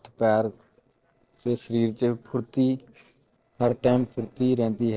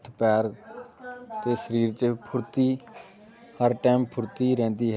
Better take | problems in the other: second | noise reduction (neural separator model SepFormer DNS4)

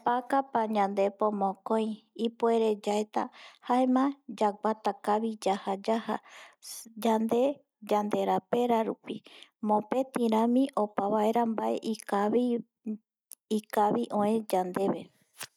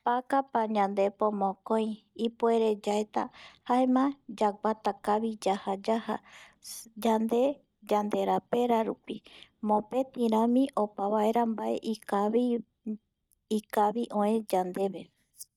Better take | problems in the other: first | noise reduction (neural mask model DeepFilterNet 3)

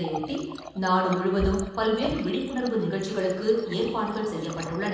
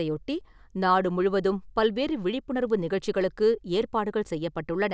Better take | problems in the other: second | background sound (Water tap, faucet); 12 dB below the speech // room echo; dies away in 1 s

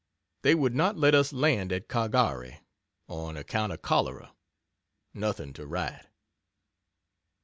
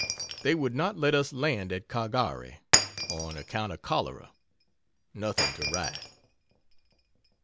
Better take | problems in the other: first | background sound (Shatter); 2 dB below the speech

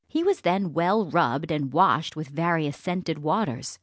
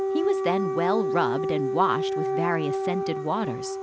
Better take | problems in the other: first | background sound (Siren / Dog); as loud as the speech

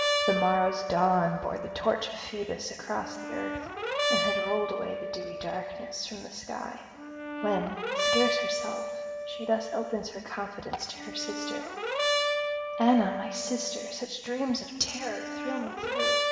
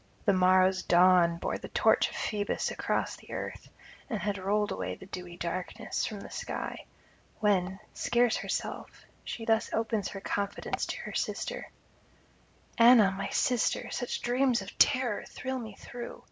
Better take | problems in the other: second | background sound (Brass instrument); 1 dB below the speech // room echo; dies away in 2.8 s

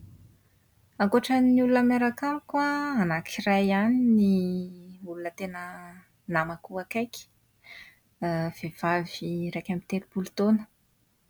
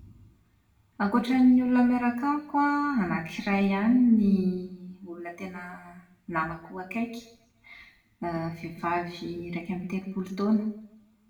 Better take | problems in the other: first | room echo; dies away in 0.7 s

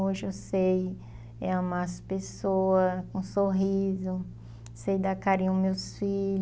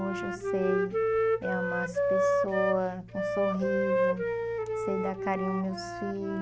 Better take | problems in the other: first | background sound (Wind instrument, woodwind instrument); 4 dB above the speech

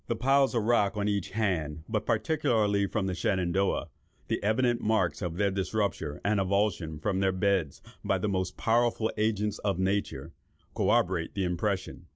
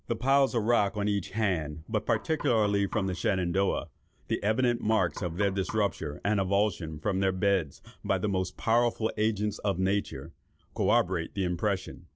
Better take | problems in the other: first | background sound (Knock); 17 dB below the speech

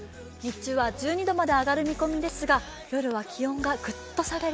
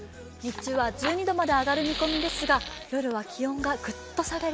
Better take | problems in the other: first | background sound (Fire); 10 dB below the speech

